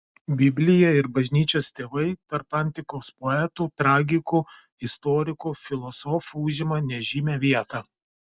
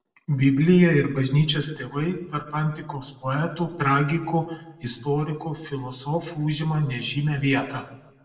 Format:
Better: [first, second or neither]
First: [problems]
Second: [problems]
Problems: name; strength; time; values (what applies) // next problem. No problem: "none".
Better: first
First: none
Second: room echo; dies away in 0.6 s